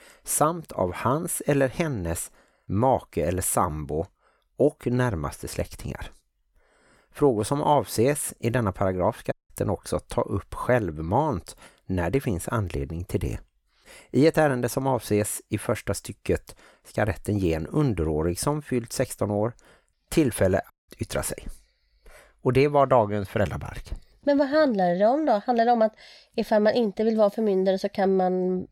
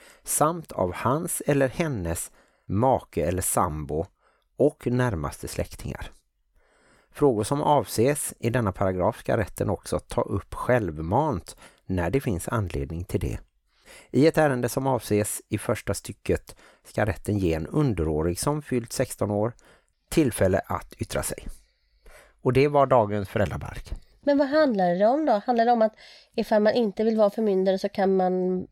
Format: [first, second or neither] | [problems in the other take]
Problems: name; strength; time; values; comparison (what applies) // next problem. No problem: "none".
second | audio cutting out; at 9.5 s and at 21 s